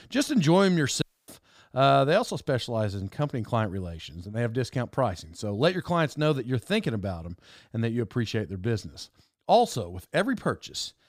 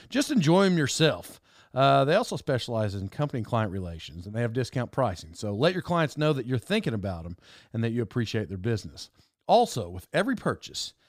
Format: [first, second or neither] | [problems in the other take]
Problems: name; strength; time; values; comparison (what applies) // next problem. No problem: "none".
second | audio cutting out; at 1 s